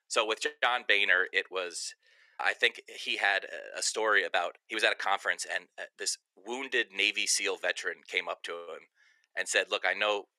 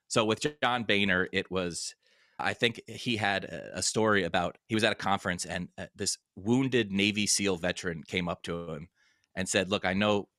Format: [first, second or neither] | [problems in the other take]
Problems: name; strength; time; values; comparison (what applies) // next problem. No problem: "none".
second | thin; very; fading below 400 Hz